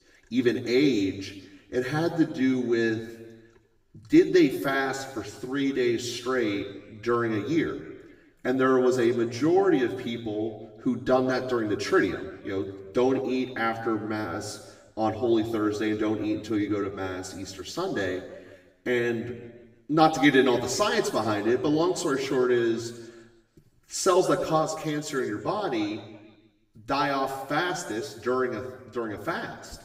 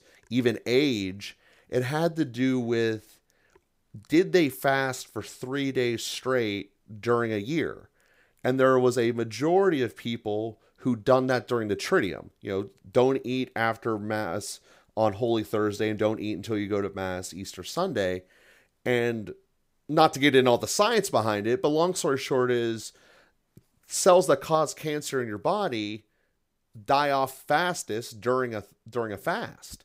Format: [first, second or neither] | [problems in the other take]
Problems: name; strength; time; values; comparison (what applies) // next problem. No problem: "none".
second | room echo; slight; dies away in 1.1 s // off-mic speech; far